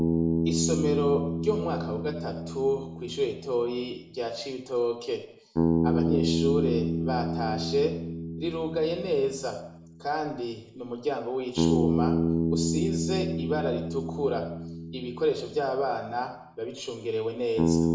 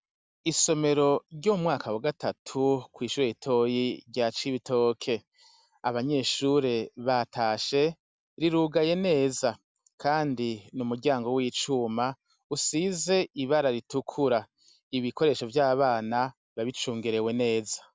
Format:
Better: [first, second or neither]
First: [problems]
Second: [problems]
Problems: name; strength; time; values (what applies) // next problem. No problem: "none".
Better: second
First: background sound (Bass guitar); 1 dB above the speech // room echo; dies away in 0.6 s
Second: none